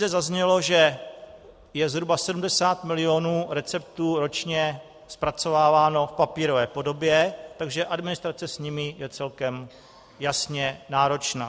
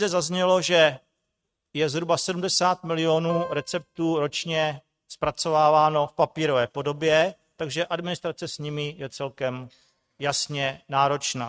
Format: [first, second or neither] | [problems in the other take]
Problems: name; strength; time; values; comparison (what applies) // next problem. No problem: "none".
first | noise reduction (neural mask model RNNoise)